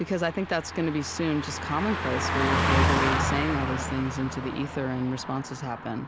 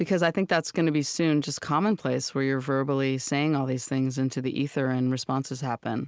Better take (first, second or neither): second